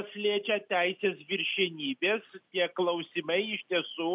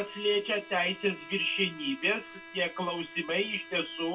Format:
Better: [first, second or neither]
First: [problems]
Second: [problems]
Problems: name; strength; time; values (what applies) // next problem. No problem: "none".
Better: first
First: none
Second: background sound (Bowed string instrument); 16 dB below the speech // room echo; dies away in 0.1 s